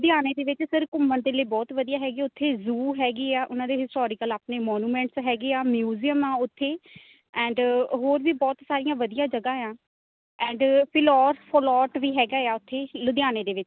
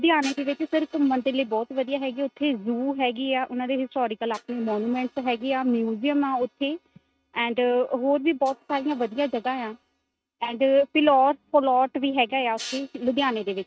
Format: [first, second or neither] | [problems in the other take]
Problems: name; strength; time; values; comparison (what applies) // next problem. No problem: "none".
first | noise reduction (neural mask model RNNoise)